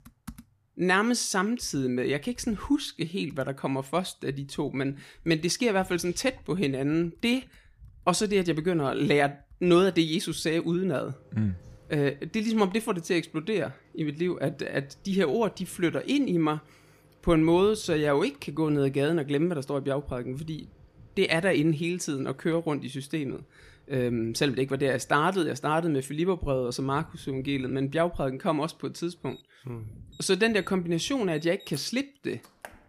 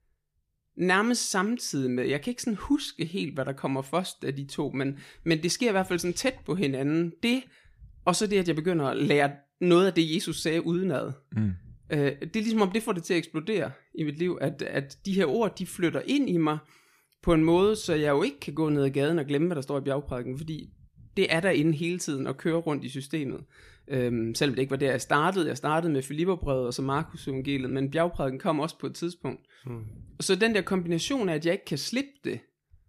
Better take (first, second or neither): second